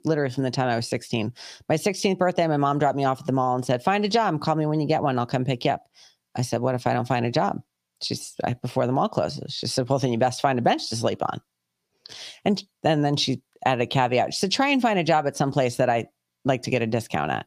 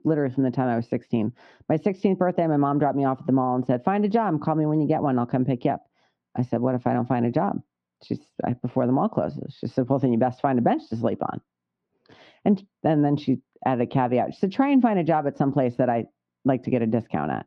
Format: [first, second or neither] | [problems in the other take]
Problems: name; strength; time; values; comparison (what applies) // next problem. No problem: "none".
first | muffled; very; fading above 1.5 kHz